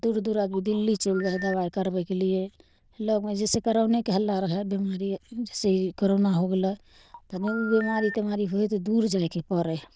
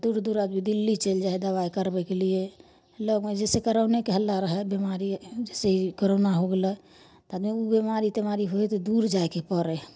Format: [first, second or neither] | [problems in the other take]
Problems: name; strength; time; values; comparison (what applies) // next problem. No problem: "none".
second | noise reduction (neural diffusion model UNIVERSE++)